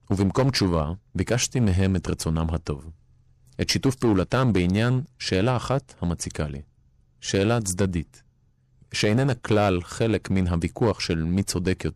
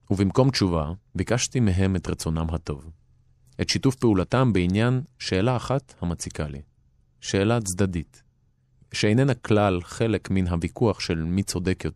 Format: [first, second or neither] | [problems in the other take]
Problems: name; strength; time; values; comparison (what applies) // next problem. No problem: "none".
second | distortion; slight; 6% of the sound clipped